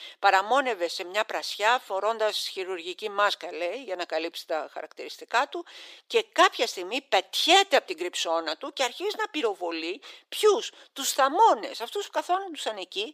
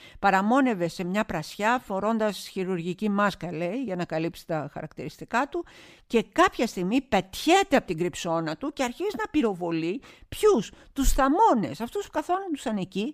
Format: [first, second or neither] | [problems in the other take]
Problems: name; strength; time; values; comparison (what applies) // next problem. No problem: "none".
second | thin; very; fading below 400 Hz